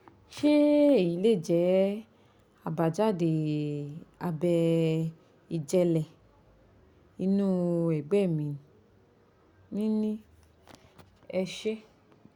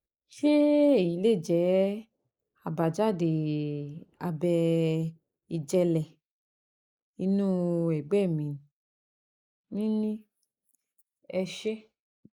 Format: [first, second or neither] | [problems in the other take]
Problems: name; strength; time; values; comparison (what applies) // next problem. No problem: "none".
first | noise reduction (neural mask model Resemble Enhance denoiser)